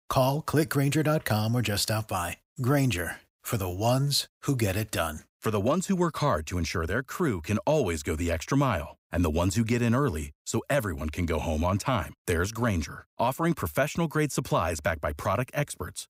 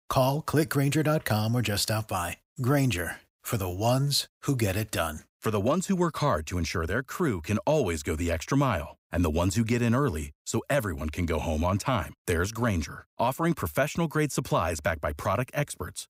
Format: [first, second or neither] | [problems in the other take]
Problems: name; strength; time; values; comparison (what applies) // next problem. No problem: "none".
neither | none